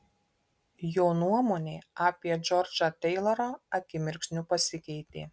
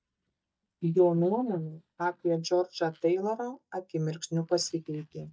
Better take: first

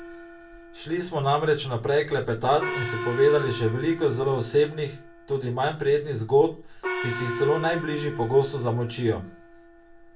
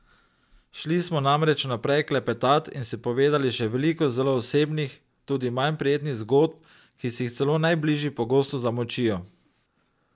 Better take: second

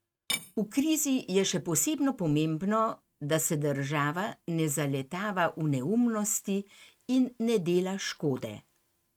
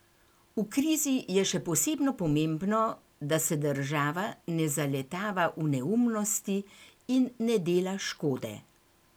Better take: second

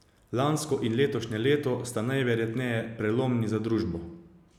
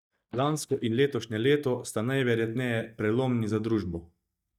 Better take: first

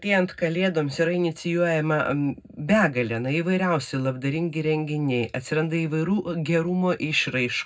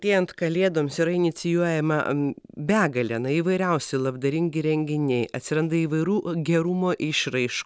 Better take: second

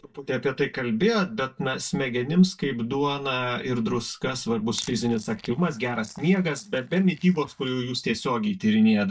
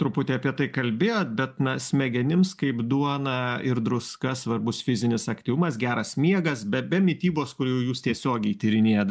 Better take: second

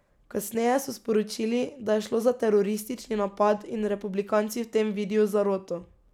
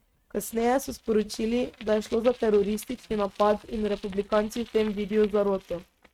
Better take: first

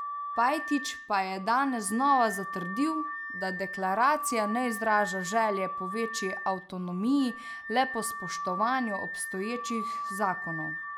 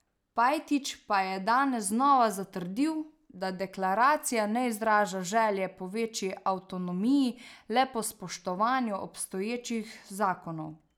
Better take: second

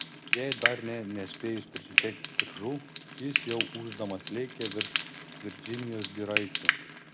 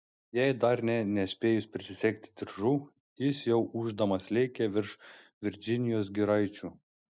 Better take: second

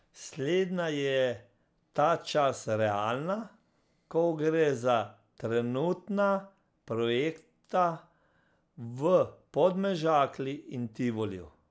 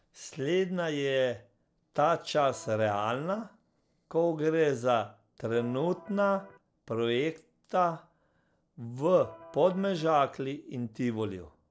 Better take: first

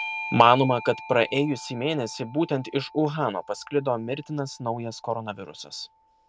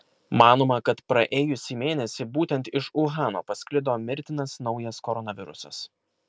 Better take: second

